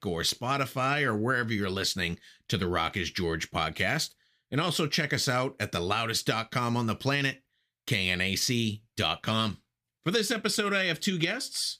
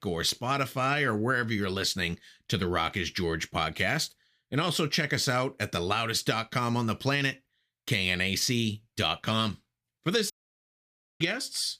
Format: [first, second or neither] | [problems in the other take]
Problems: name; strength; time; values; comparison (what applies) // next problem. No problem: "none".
first | audio cutting out; at 10 s for 1 s